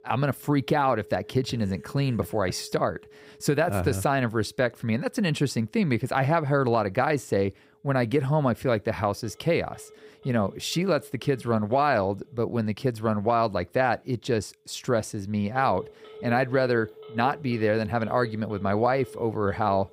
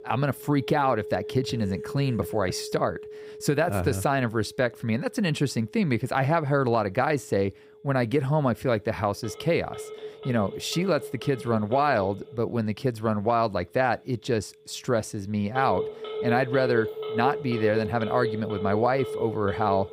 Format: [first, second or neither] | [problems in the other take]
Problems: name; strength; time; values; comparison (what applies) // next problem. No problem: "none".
first | alarms or sirens; loud; throughout; 9 dB below the speech; faint in the first